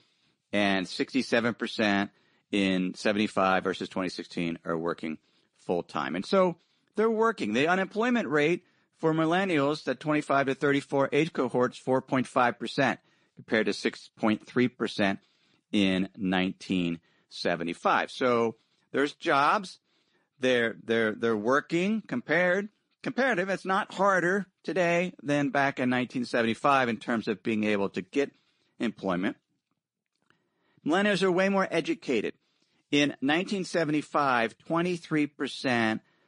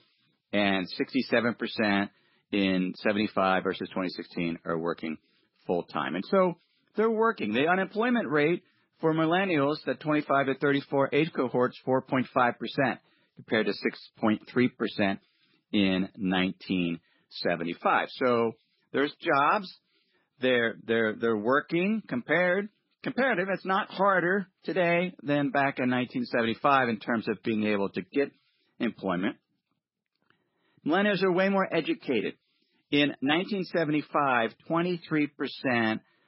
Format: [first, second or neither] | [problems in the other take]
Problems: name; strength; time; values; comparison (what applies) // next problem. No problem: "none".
first | garbled, watery; badly; nothing above 5.5 kHz; slightly in the first